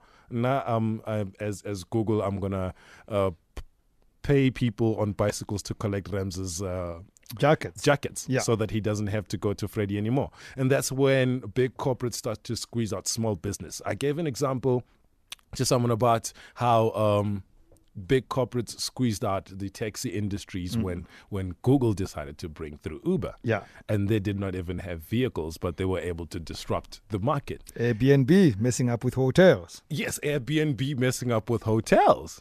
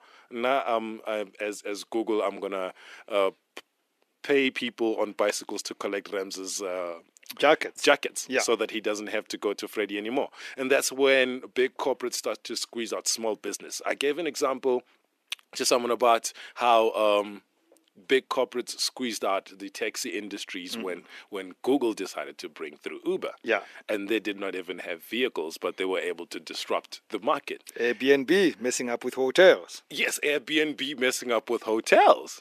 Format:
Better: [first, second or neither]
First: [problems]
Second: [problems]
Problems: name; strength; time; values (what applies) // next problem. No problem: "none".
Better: first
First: none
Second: thin; somewhat; fading below 300 Hz